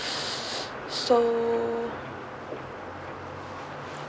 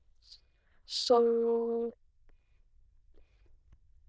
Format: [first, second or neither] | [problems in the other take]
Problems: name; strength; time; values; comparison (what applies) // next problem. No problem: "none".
first | noise reduction (neural diffusion model UNIVERSE++)